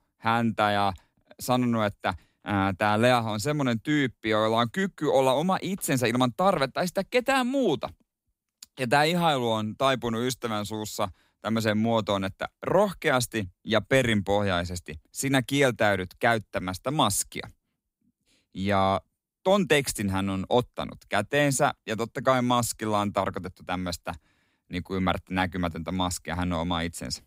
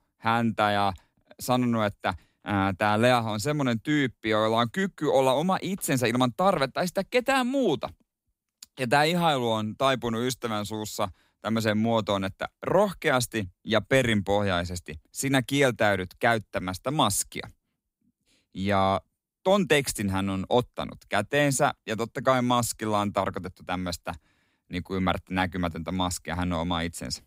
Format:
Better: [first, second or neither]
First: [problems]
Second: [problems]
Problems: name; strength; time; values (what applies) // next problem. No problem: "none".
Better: neither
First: none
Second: none